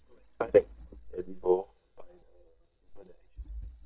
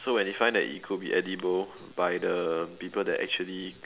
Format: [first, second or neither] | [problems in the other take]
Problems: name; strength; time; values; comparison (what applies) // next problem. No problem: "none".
second | noise reduction (neural mask model DeepFilterNet 3)